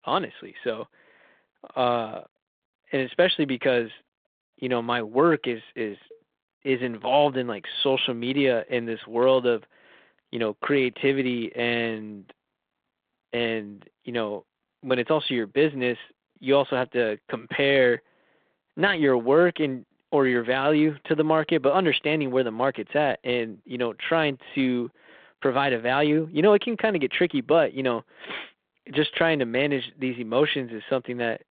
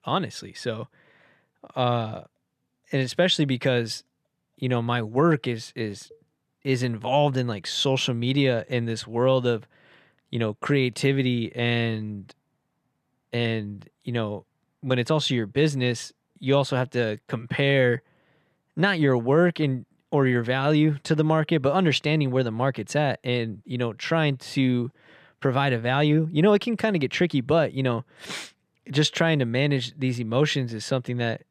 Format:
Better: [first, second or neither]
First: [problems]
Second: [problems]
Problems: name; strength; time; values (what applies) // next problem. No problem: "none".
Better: second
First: phone-call audio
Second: none